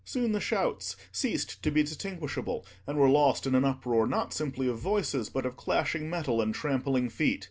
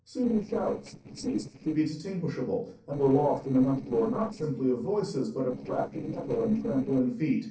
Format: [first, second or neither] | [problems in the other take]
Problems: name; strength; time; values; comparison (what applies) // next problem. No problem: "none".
first | noise reduction (neural separator model SepFormer DNS4)